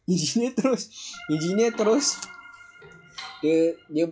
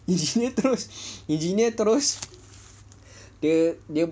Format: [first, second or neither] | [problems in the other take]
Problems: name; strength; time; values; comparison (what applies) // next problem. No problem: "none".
second | noise reduction (classical method log-MMSE)